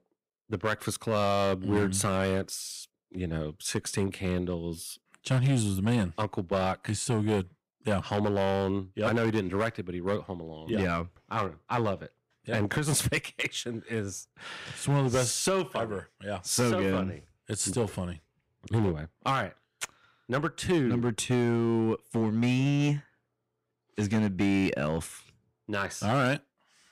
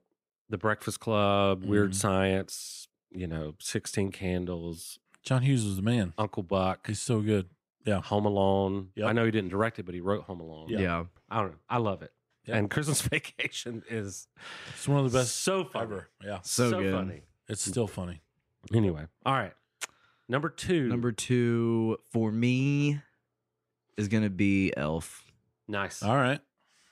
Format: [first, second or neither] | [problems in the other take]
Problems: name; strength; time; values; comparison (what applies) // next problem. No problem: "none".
second | distortion; slight; 5% of the sound clipped